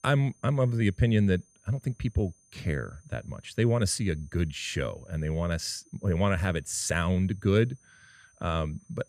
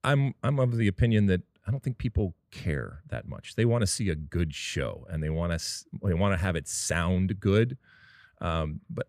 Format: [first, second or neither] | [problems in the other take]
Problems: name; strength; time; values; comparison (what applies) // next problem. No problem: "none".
second | high-pitched whine; faint; throughout; 6.5 kHz, 30 dB below the speech